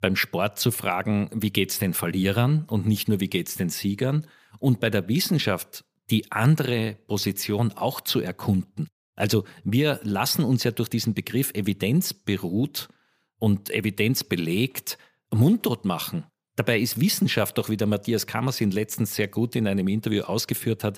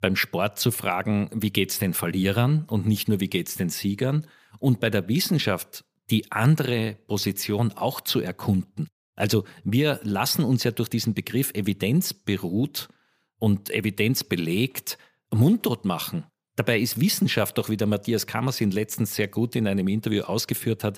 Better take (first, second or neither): neither